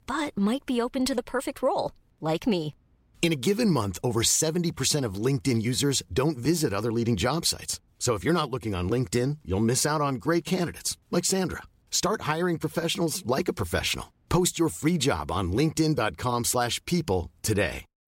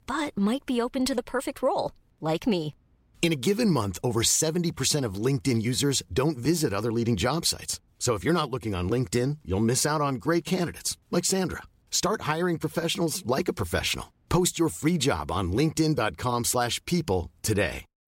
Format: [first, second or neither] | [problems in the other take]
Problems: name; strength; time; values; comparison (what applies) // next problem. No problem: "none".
neither | none